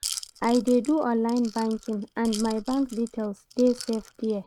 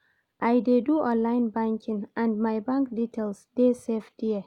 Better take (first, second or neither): second